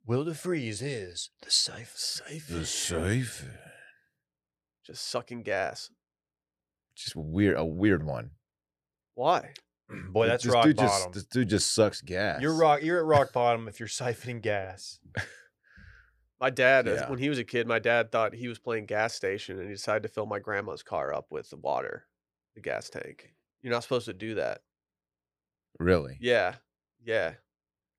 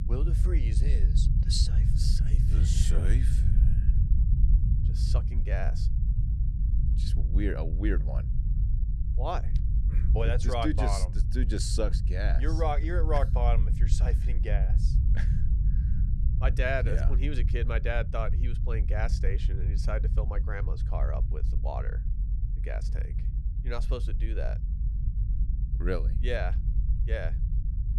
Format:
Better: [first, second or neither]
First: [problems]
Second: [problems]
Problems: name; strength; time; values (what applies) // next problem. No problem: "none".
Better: first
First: none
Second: low rumble; loud; throughout; 10 dB below the speech